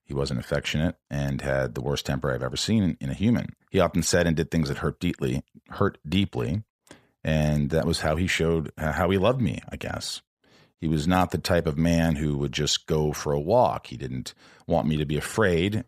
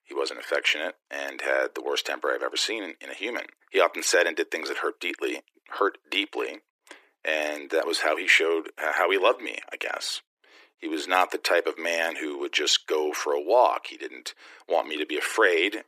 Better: first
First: none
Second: thin; very; fading below 300 Hz

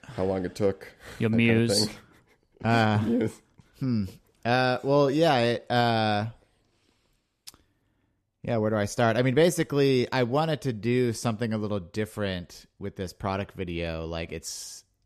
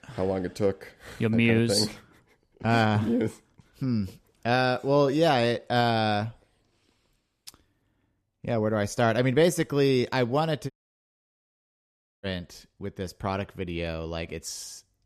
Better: first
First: none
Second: audio cutting out; at 11 s for 1.5 s

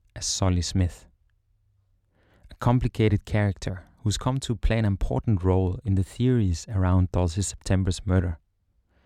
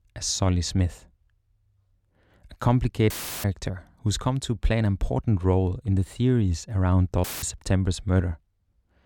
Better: first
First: none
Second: audio cutting out; filled with static; at 3 s and at 7 s

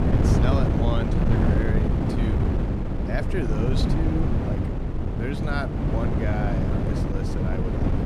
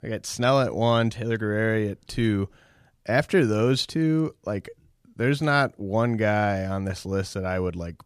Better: second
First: wind noise on the microphone; heavy; 2 dB above the speech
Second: none

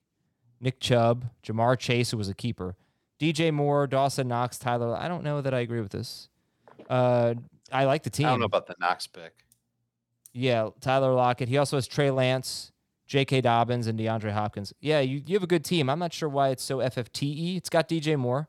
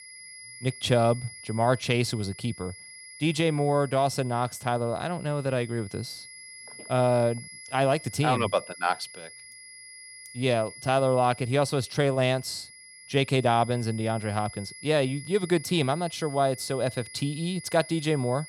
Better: first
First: none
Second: high-pitched whine; noticeable; throughout; 2 kHz, 15 dB below the speech

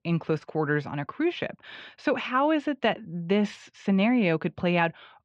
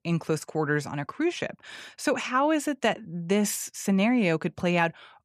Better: second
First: muffled; slightly; fading above 3.5 kHz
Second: none

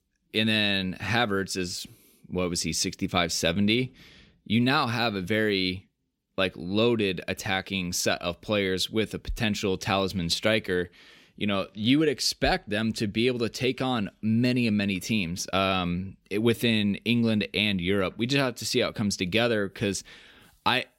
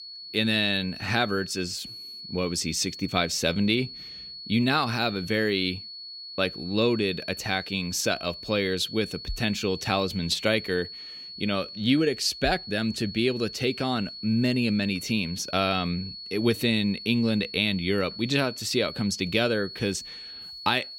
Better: first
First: none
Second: high-pitched whine; noticeable; throughout; 4.5 kHz, 10 dB below the speech

